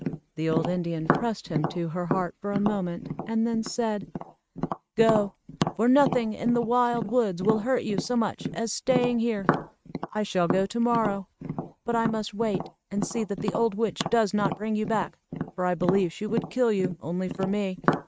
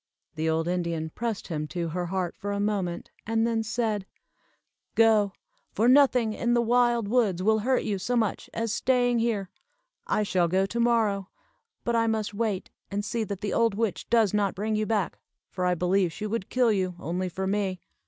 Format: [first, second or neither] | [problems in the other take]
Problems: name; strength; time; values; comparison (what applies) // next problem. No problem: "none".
second | noise reduction (neural mask model RNNoise)